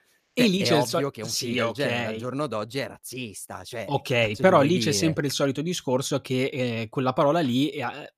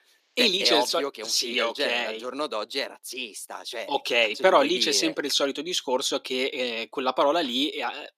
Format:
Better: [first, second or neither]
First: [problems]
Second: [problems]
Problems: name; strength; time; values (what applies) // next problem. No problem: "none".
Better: first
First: none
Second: thin; somewhat; fading below 300 Hz